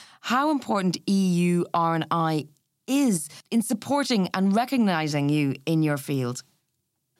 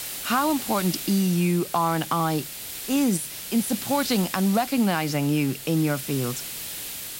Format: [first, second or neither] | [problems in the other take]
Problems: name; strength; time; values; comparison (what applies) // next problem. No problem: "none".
first | hiss; loud; throughout; 8 dB below the speech